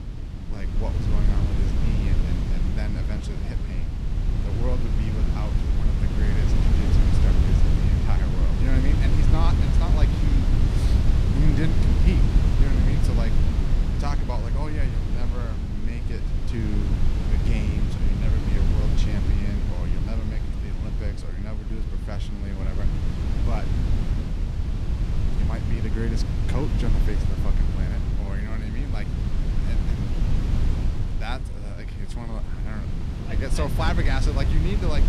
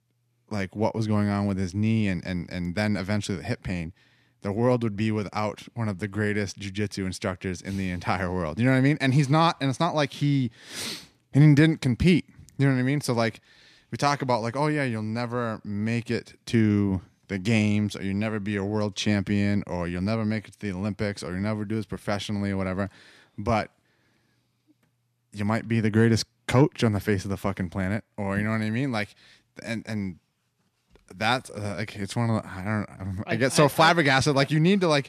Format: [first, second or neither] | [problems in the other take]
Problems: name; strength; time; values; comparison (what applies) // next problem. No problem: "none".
second | wind noise on the microphone; heavy; as loud as the speech